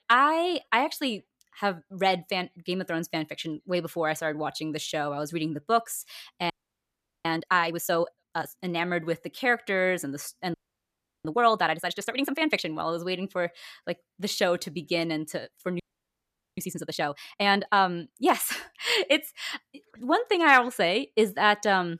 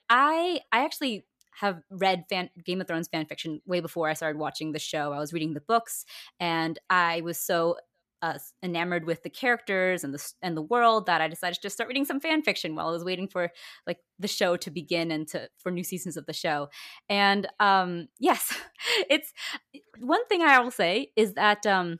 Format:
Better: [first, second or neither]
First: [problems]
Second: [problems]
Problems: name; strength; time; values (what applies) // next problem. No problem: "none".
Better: second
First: audio freezing; at 6.5 s for 1 s, at 11 s for 0.5 s and at 16 s for 1 s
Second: none